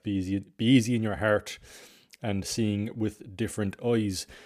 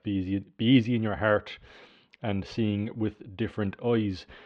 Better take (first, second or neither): first